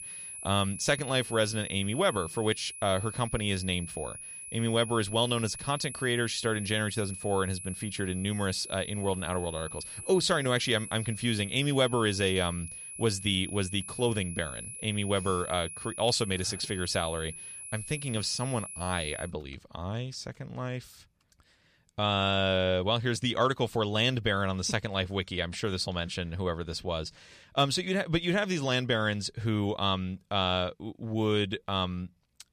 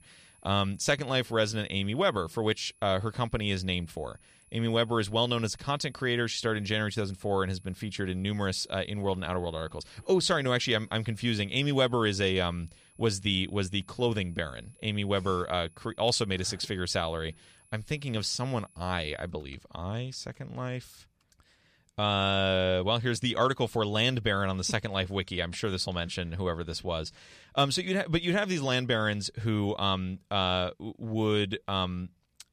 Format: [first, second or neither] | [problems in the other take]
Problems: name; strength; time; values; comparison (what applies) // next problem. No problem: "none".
second | high-pitched whine; loud; until 19 s; 10.5 kHz, 10 dB below the speech; faint in the second